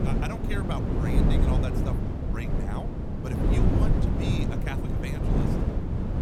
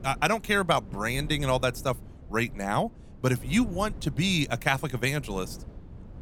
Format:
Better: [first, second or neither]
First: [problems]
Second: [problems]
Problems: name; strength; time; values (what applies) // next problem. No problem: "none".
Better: second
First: wind noise on the microphone; heavy; 4 dB above the speech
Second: wind noise on the microphone; occasional gusts; 25 dB below the speech